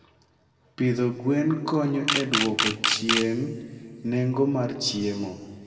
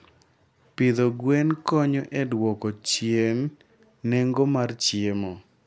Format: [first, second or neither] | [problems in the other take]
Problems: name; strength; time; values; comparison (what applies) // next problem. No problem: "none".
second | background sound (Camera); 1 dB below the speech // room echo; dies away in 1.7 s